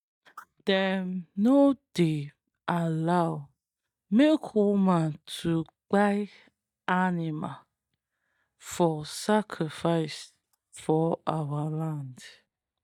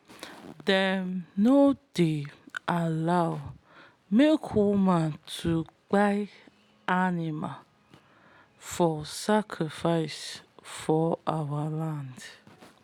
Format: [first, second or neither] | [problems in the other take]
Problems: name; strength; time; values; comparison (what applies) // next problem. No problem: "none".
second | noise reduction (neural mask model DeepFilterNet 3)